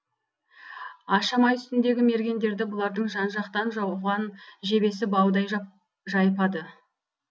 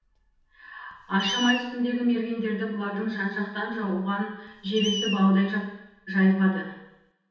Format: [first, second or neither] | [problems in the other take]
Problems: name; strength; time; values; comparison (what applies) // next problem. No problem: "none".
first | background sound (Screech); 12 dB below the speech // room echo; dies away in 0.9 s